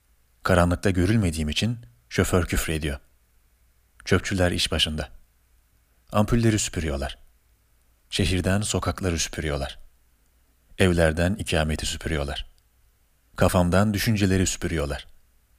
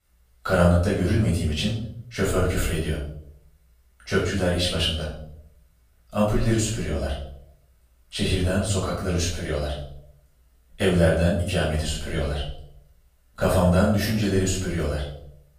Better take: first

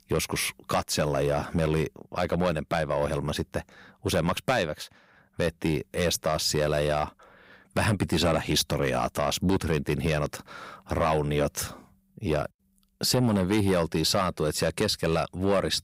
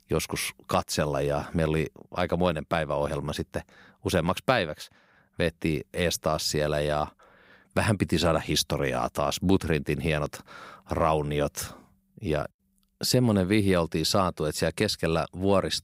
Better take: second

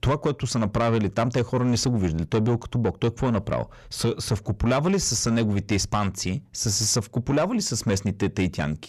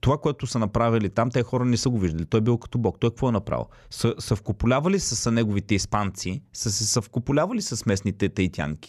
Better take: second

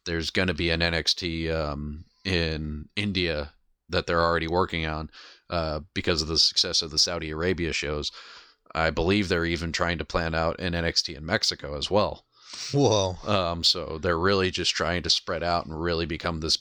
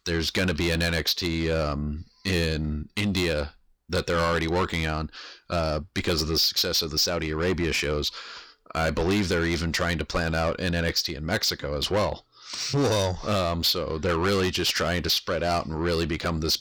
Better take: first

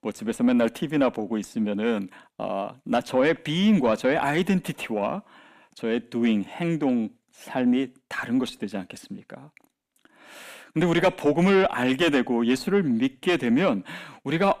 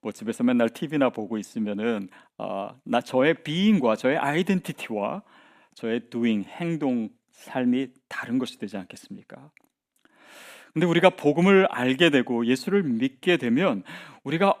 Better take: second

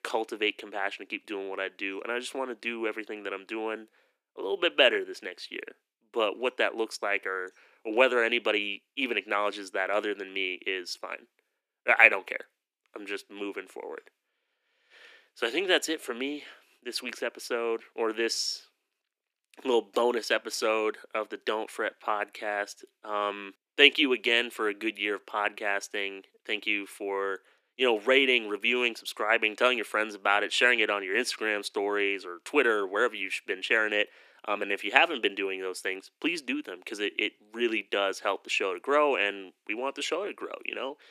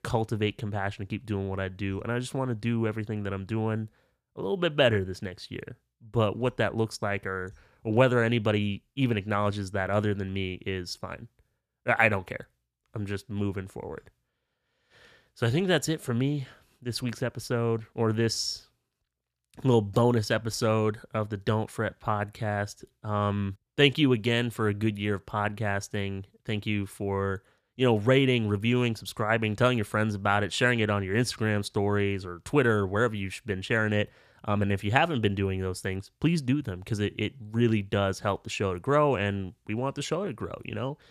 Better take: second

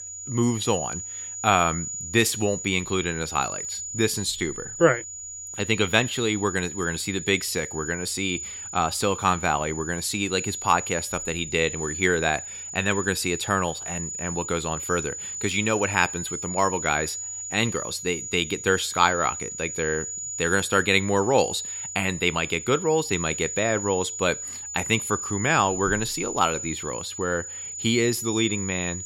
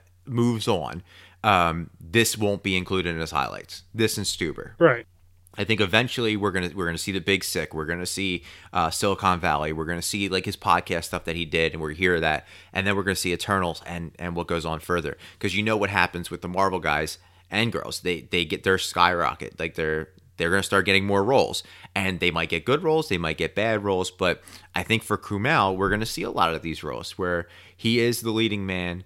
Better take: second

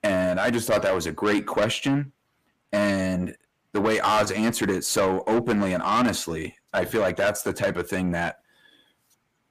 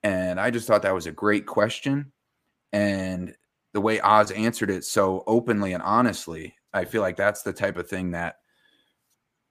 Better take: second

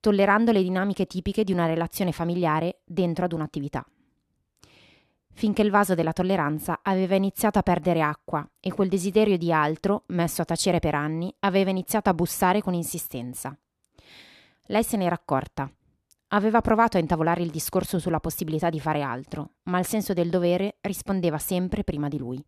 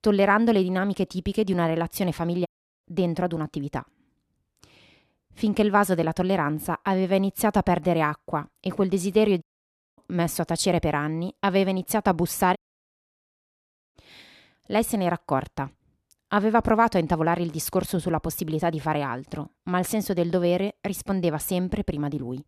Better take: first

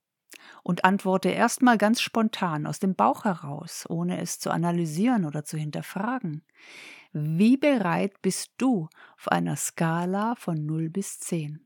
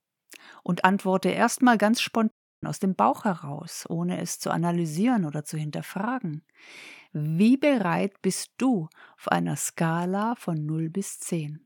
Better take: first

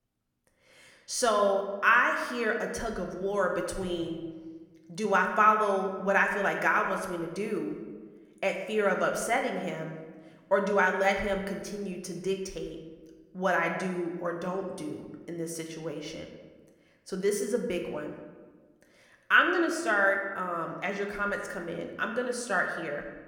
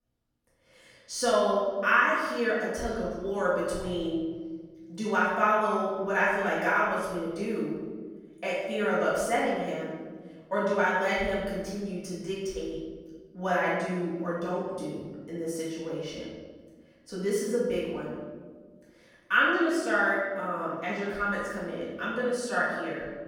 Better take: first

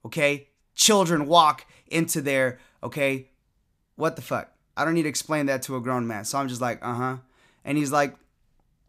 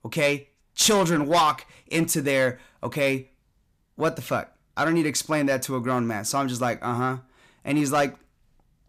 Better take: first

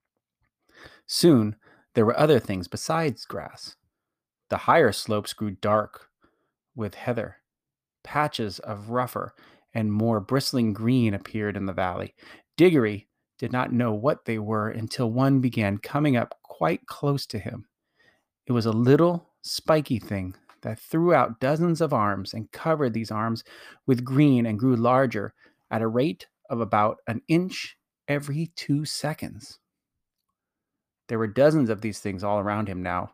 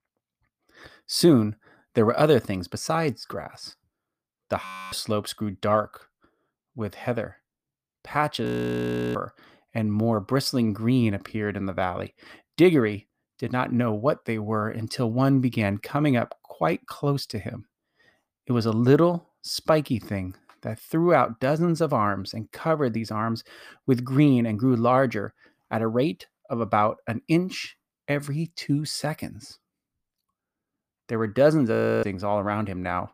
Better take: first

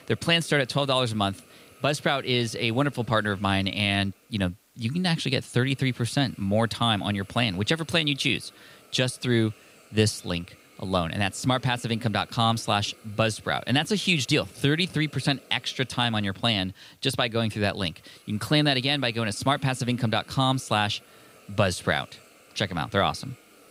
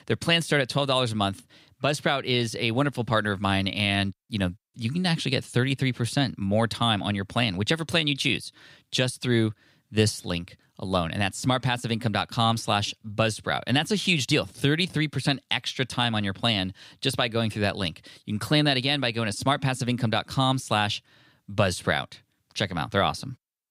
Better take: second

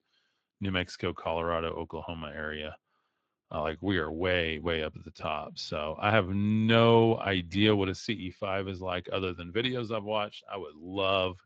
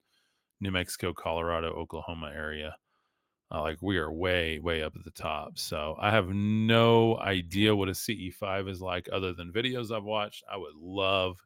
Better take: second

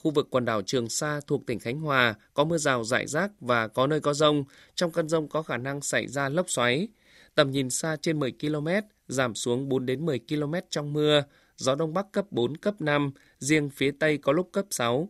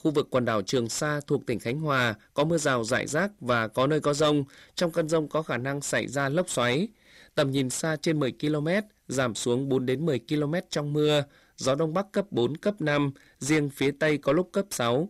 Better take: first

